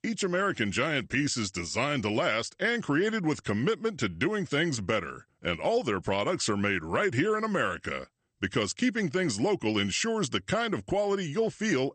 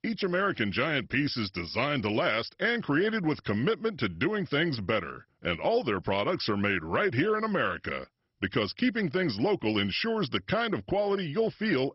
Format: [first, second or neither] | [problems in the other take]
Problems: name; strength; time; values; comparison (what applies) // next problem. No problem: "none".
first | garbled, watery; badly; nothing above 5.5 kHz; slightly in the first